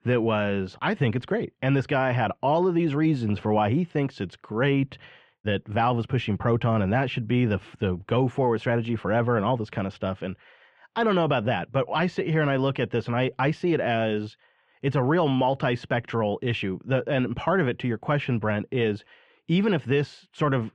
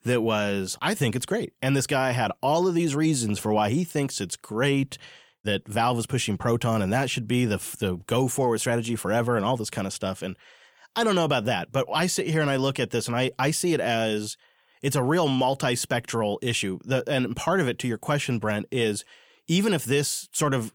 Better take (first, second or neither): second